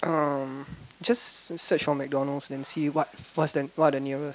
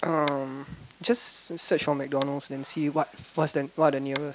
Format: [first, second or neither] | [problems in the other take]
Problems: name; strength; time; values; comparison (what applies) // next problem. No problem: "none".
first | background sound (Tap); 18 dB below the speech